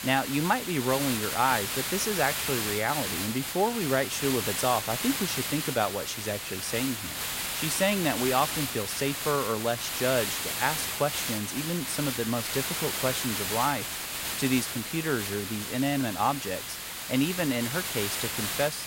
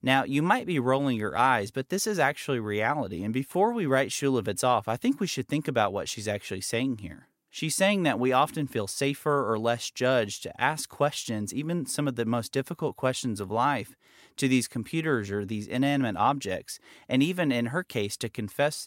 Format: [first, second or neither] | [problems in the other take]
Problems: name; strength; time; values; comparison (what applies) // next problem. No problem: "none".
second | hiss; loud; throughout; 1 dB below the speech